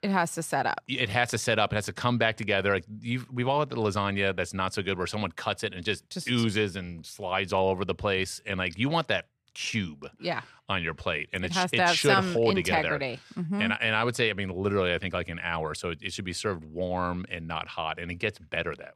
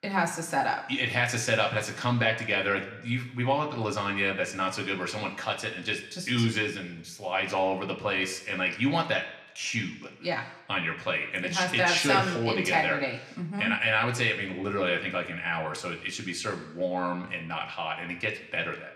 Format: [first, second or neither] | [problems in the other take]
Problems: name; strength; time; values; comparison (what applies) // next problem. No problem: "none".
first | room echo; very slight; dies away in 0.7 s